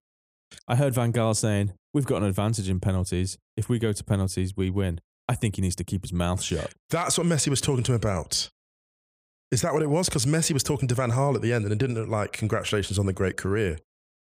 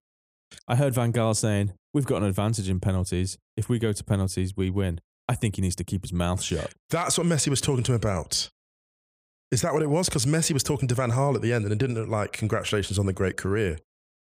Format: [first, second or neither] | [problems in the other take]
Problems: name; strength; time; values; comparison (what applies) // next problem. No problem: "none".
neither | none